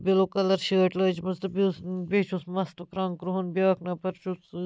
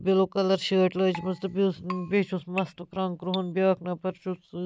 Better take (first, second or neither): first